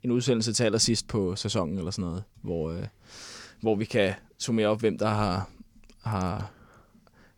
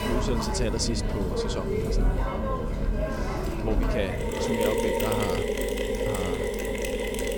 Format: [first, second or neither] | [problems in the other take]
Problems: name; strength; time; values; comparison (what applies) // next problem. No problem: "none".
first | machinery noise; very loud; throughout; 4 dB above the speech